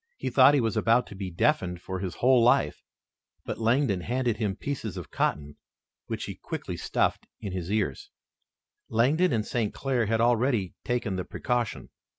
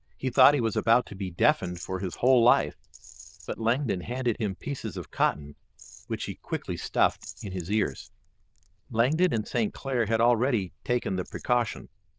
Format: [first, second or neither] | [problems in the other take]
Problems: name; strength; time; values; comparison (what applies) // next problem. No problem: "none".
first | noise reduction (neural diffusion model UNIVERSE++)